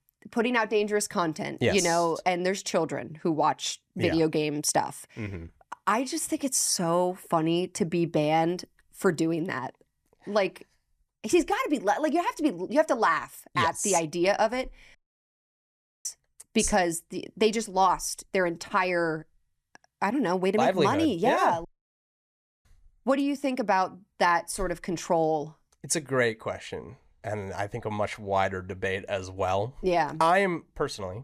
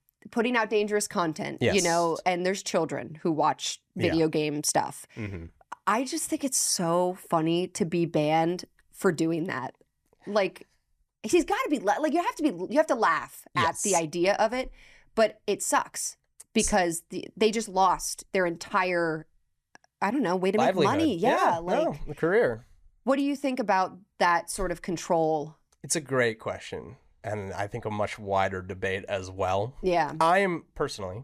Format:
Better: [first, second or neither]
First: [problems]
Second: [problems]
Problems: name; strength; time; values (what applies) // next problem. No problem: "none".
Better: second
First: audio cutting out; at 15 s for 1 s and at 22 s for 1 s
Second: none